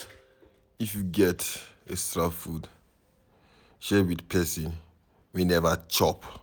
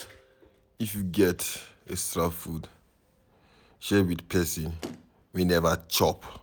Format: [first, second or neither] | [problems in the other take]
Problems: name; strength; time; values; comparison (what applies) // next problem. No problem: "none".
first | background sound (Motor vehicle (road)); 16 dB below the speech